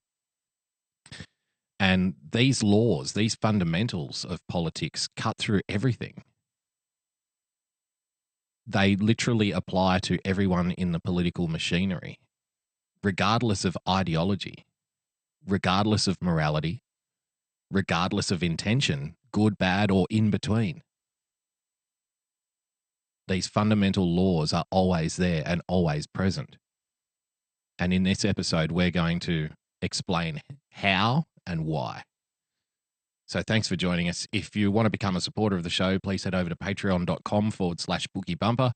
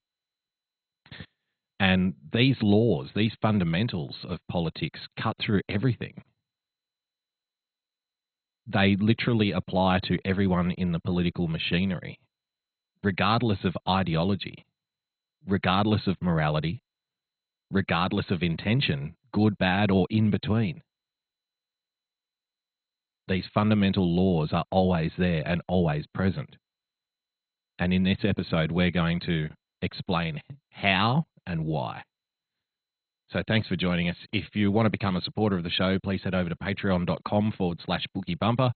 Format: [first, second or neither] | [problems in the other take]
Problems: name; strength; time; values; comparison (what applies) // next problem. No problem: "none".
first | garbled, watery; badly; nothing above 4 kHz; slightly in the first